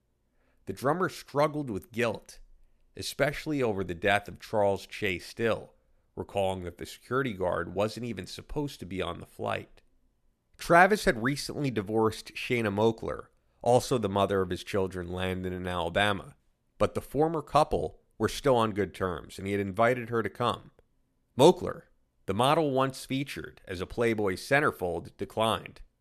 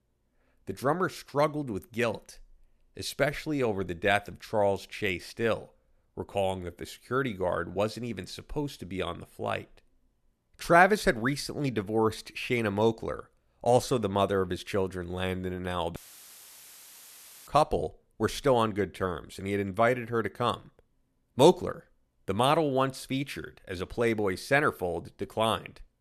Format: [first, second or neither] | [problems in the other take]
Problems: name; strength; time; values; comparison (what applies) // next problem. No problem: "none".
first | audio cutting out; filled with static; at 16 s for 1.5 s